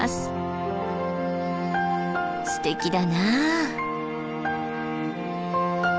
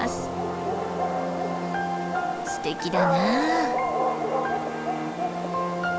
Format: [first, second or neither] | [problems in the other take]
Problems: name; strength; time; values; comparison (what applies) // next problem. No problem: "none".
first | background sound (Dog); as loud as the speech